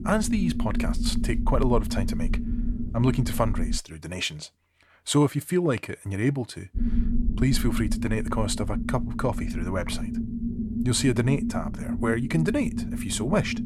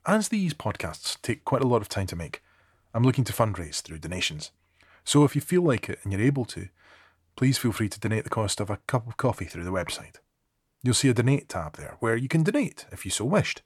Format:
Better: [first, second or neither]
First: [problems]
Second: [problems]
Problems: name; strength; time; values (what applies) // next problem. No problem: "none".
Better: second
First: low rumble; loud; until 4 s and from 7 s on; 8 dB below the speech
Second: none